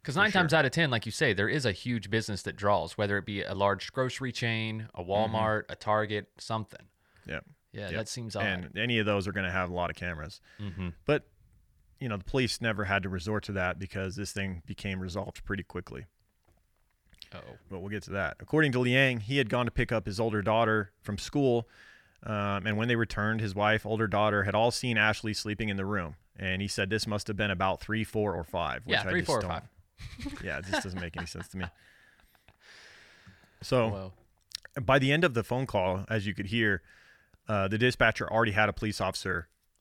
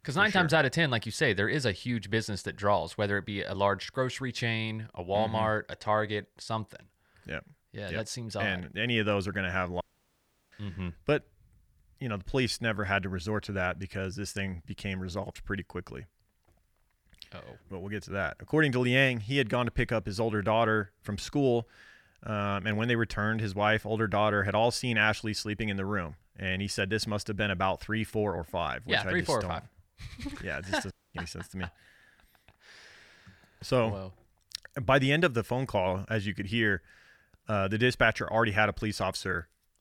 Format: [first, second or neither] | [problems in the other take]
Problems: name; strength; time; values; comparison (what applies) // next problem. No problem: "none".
first | audio cutting out; at 10 s for 0.5 s and at 31 s